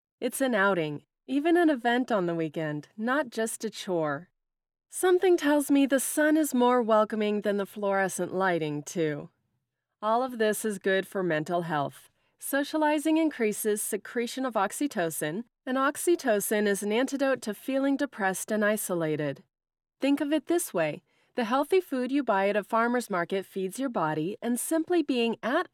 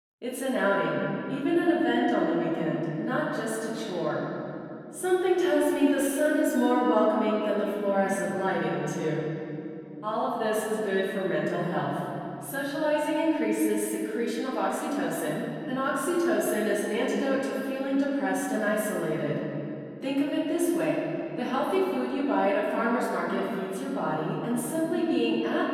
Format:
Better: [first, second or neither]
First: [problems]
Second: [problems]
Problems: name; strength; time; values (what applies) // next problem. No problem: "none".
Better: first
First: none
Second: off-mic speech; far // room echo; noticeable; dies away in 2.7 s